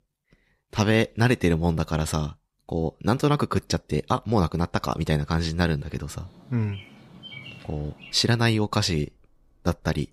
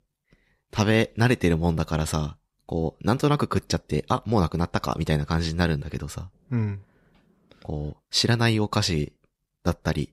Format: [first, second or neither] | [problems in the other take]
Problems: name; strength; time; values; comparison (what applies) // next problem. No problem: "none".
second | animal sounds; faint; from 6 s on; 20 dB below the speech